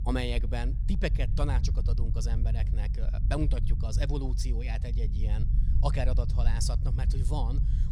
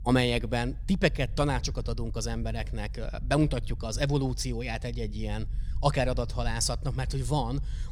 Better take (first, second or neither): second